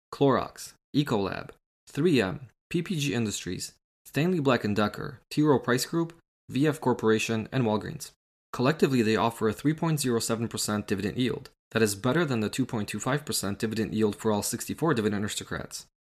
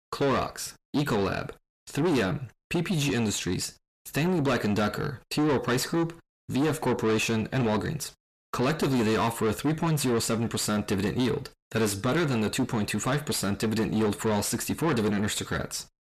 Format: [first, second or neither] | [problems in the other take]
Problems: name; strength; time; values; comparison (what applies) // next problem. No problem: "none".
first | distortion; heavy; 7 dB below the speech